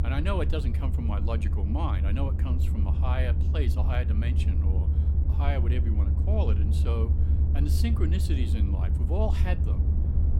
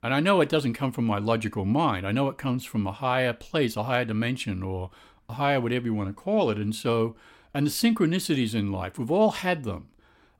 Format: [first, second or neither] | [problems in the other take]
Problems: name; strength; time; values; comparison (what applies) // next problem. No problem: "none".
second | low rumble; loud; throughout; 5 dB below the speech